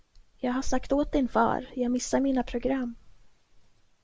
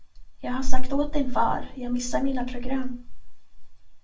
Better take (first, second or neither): first